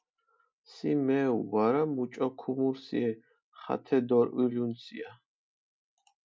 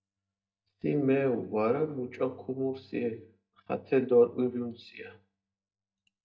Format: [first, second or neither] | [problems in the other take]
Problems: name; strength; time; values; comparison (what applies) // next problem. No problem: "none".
first | noise reduction (neural mask model DeepFilterNet 3)